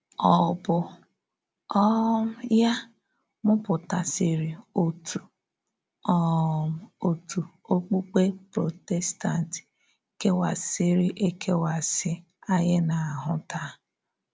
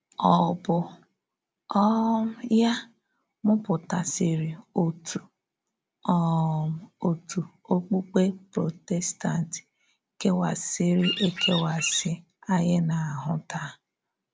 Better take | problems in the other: first | background sound (Bird vocalization, bird call, bird song); 4 dB below the speech

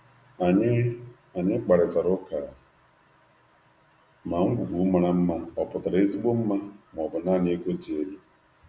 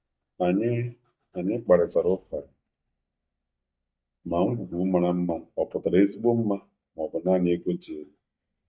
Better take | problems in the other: first | noise reduction (neural mask model DeepFilterNet 3)

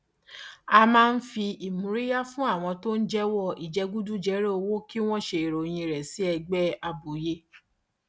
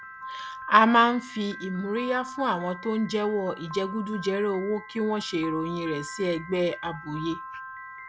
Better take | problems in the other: first | background sound (Piano); 13 dB below the speech

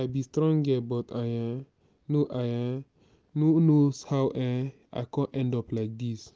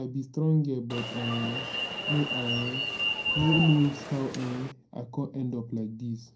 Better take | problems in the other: first | background sound (Alarm); 3 dB below the speech // room echo; dies away in 0.2 s

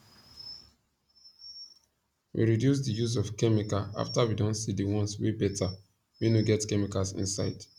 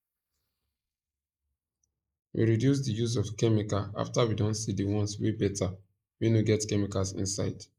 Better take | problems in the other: first | noise reduction (neural mask model Resemble Enhance denoiser)

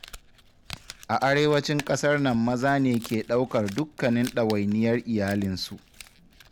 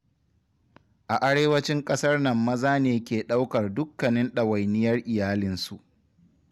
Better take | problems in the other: second | background sound (Crumpling, crinkling); 20 dB below the speech

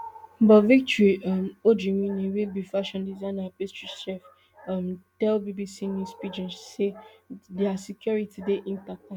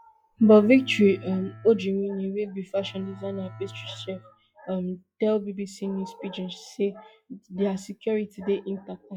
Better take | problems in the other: first | noise reduction (classical method log-MMSE)

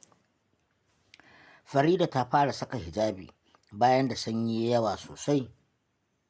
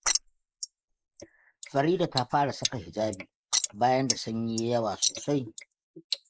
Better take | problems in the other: first | noise reduction (neural mask model Resemble Enhance denoiser)

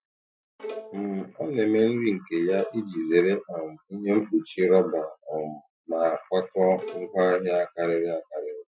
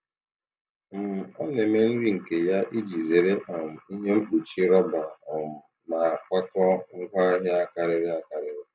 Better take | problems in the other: second | noise reduction (classical method Wiener filter)

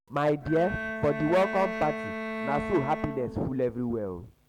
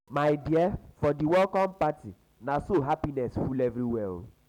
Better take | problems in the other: second | background sound (Bowed string instrument); 7 dB below the speech

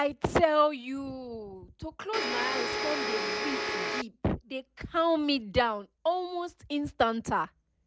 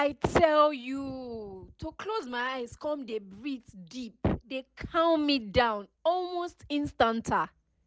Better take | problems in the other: second | background sound (Domestic sounds, home sounds); 1 dB below the speech

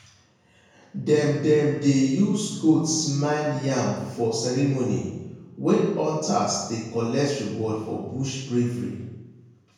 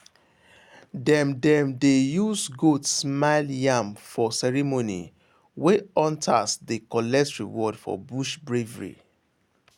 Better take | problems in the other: second | room echo; dies away in 1 s

